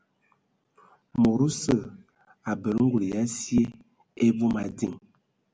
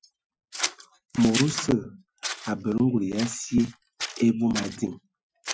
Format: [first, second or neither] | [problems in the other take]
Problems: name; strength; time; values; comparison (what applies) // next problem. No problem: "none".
first | noise reduction (classical method Wiener filter)